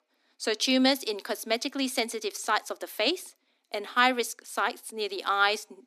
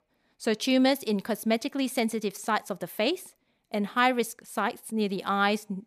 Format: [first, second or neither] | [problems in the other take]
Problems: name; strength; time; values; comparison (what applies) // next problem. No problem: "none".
second | thin; very slightly; fading below 250 Hz